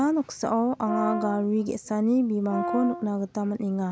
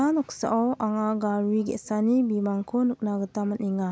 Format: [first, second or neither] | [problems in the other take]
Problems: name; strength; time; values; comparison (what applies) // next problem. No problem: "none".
second | background sound (Brass instrument); 7 dB below the speech